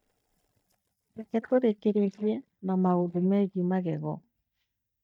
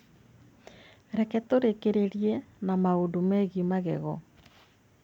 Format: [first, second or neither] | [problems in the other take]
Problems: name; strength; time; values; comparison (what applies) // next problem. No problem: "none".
second | noise reduction (neural mask model DeepFilterNet 3)